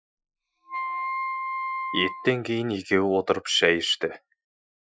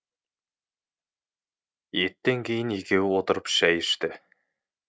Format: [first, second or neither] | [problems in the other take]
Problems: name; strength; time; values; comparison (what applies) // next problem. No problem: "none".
second | noise reduction (classical method Wiener filter)